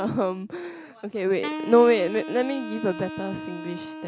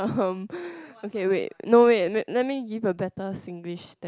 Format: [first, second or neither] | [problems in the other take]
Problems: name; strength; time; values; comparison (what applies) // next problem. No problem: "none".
second | background sound (Wind instrument, woodwind instrument); 11 dB below the speech